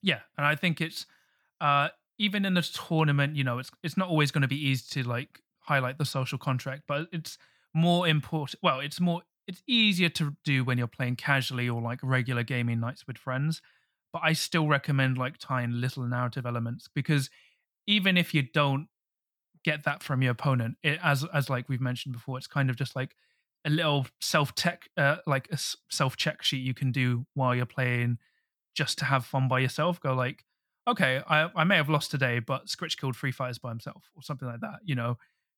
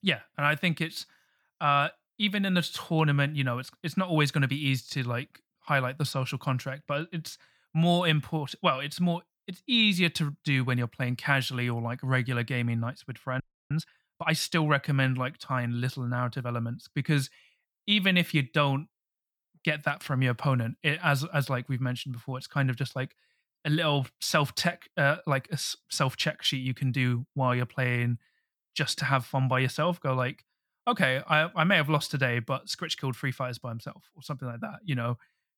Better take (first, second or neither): first